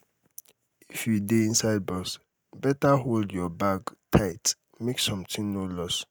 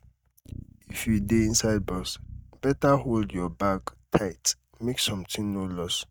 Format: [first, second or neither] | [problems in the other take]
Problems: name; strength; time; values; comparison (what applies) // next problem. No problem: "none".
first | noise reduction (neural mask model RNNoise)